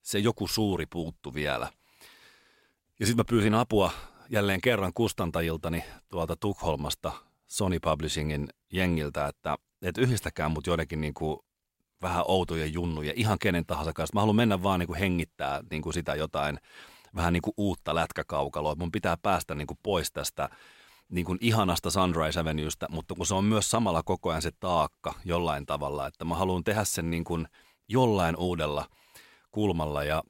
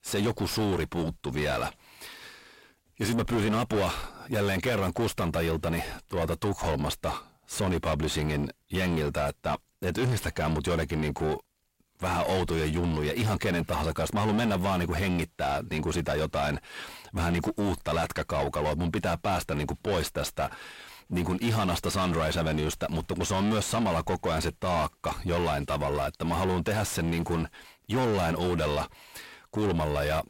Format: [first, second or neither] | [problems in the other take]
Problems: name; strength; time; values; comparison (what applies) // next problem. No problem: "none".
first | distortion; heavy; 5 dB below the speech